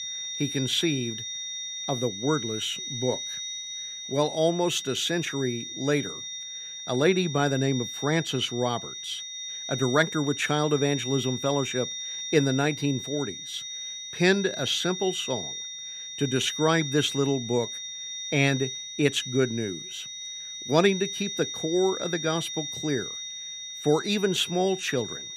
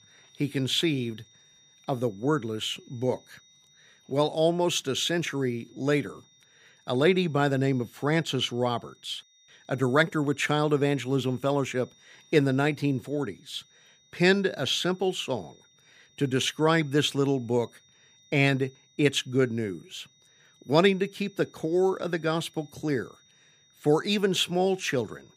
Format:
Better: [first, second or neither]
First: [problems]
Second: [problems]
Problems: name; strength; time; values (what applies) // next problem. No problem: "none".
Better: second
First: high-pitched whine; loud; throughout; 3.5 kHz, 6 dB below the speech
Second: high-pitched whine; faint; throughout; 3.5 kHz, 30 dB below the speech